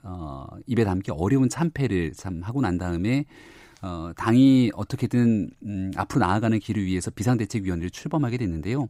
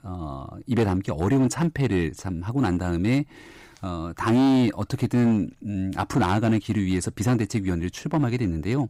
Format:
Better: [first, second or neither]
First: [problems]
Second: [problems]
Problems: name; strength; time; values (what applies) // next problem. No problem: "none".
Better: first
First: none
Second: distortion; slight; 7% of the sound clipped